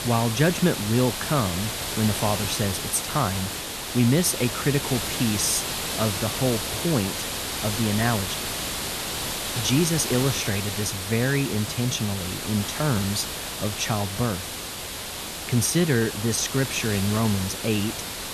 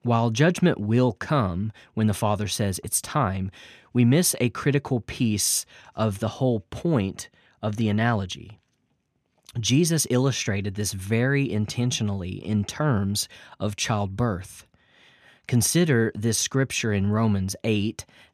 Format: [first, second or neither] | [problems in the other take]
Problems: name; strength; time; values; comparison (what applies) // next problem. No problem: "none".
second | hiss; loud; throughout; 3 dB below the speech